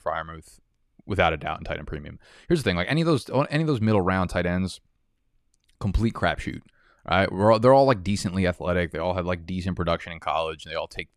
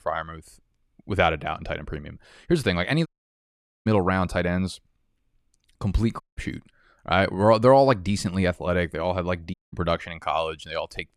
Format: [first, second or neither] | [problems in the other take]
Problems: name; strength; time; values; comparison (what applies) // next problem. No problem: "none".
first | audio cutting out; at 3 s for 1 s, at 6 s and at 9.5 s